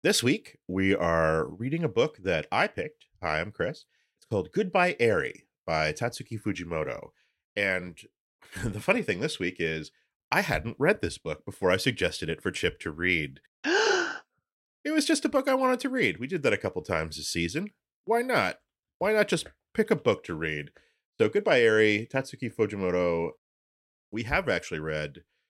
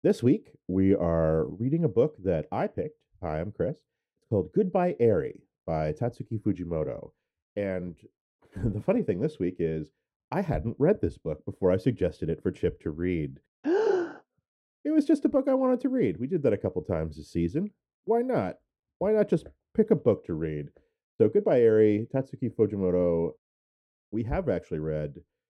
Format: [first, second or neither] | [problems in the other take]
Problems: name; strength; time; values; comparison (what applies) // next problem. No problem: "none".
first | muffled; very; fading above 1 kHz